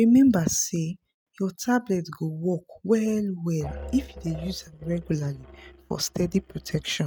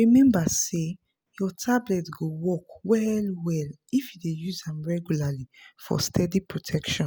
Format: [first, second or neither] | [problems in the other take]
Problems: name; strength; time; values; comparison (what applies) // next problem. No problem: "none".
second | noise reduction (neural mask model RNNoise)